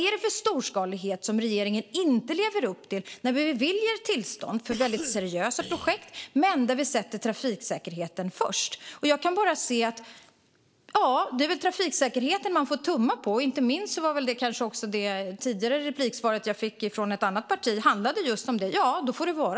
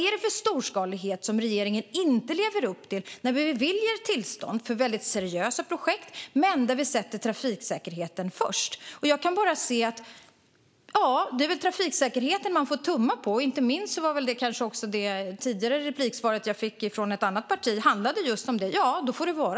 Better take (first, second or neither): second